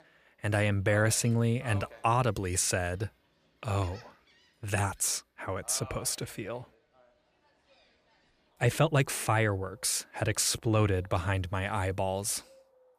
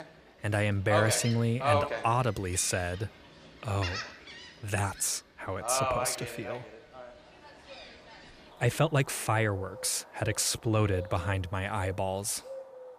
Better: first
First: animal sounds; faint; throughout; 25 dB below the speech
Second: animal sounds; loud; throughout; 6 dB below the speech

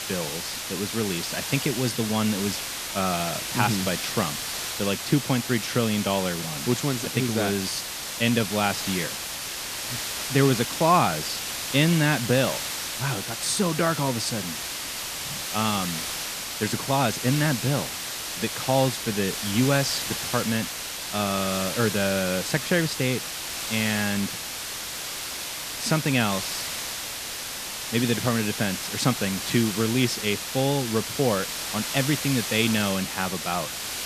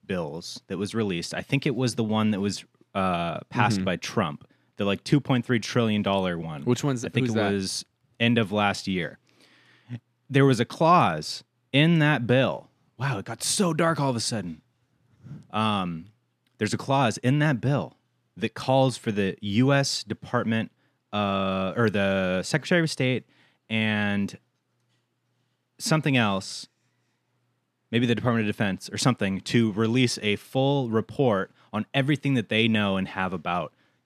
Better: second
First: hiss; loud; throughout; 4 dB below the speech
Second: none

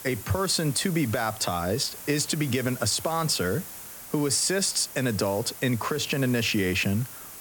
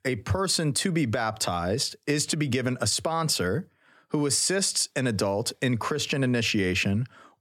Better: second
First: hiss; noticeable; throughout; 10 dB below the speech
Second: none

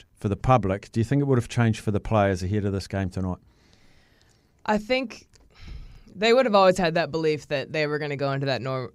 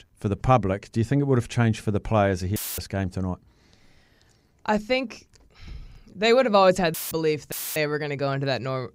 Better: first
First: none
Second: audio cutting out; filled with static; at 2.5 s, at 7 s and at 7.5 s

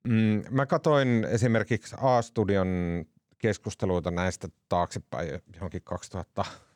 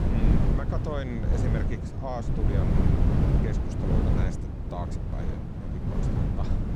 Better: first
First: none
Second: wind noise on the microphone; heavy; 2 dB above the speech

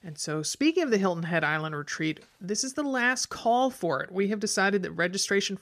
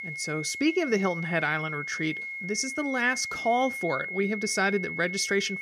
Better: first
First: none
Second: high-pitched whine; loud; throughout; 2 kHz, 5 dB below the speech

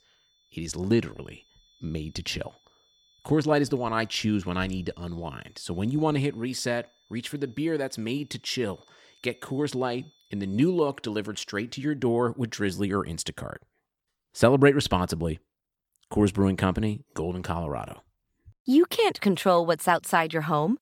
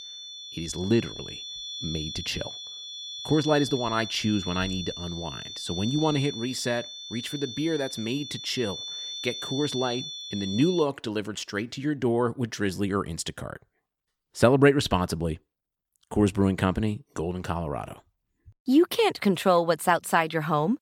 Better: first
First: high-pitched whine; faint; until 11 s; 3.5 kHz, 35 dB below the speech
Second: high-pitched whine; loud; until 11 s; 3.5 kHz, 8 dB below the speech

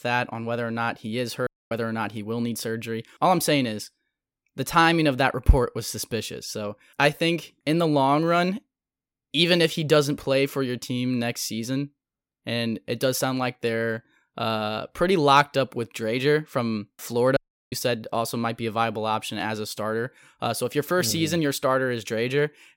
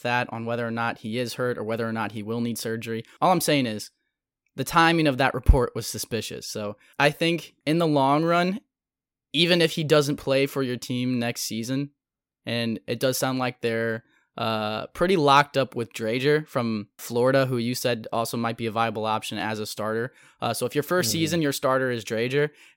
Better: second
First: audio cutting out; at 1.5 s and at 17 s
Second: none

